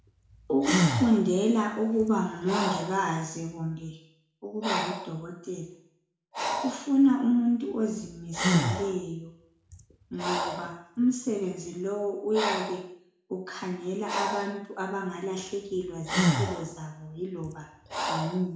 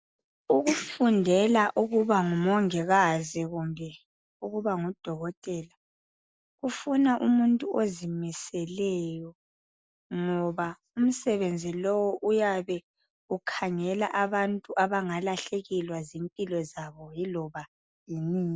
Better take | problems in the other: second | background sound (Breathing); 4 dB below the speech // room echo; dies away in 0.6 s

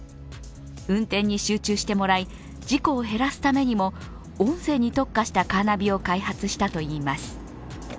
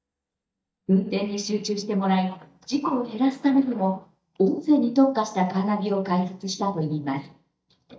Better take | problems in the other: first | noise reduction (neural mask model DeepFilterNet 3)

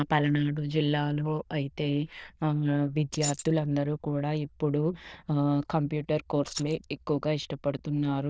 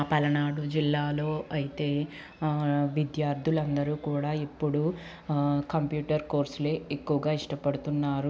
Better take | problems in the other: second | noise reduction (neural diffusion model UNIVERSE++)

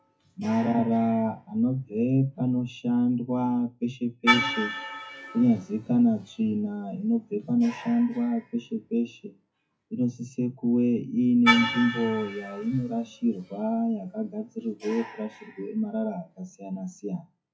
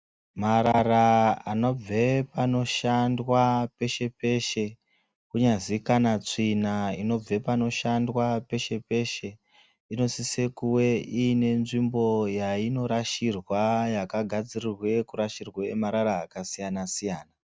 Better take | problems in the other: second | noise reduction (classical method WPE with log-MMSE)

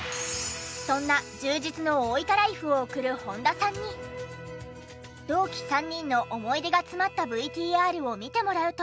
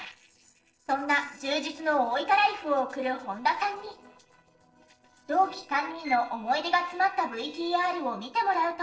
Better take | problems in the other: first | noise reduction (neural separator model SepFormer DNS4)

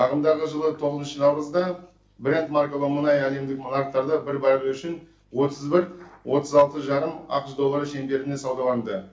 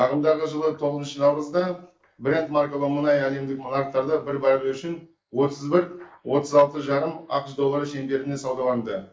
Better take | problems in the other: first | noise reduction (neural mask model Resemble Enhance denoiser)

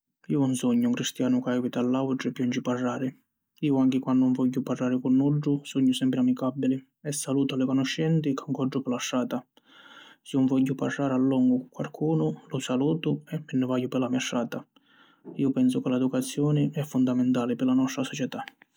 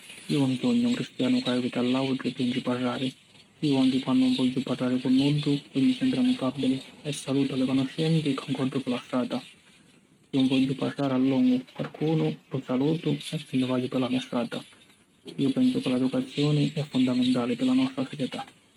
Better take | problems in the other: first | noise reduction (neural mask model RNNoise)

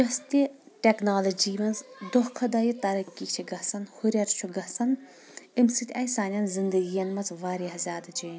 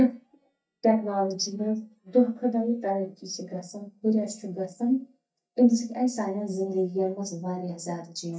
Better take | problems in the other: first | noise reduction (neural mask model DeepFilterNet 3)

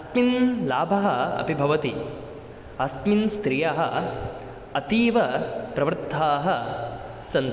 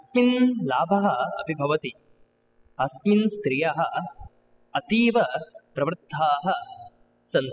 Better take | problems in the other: first | noise reduction (classical method spectral subtraction)

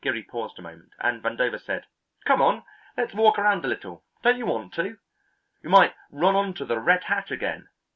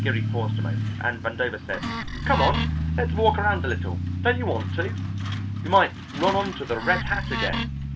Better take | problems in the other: first | background sound (Truck + Wood); 1 dB below the speech

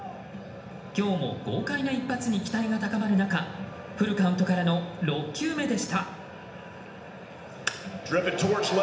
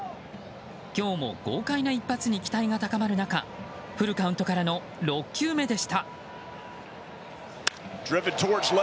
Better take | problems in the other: second | room echo; dies away in 0.8 s

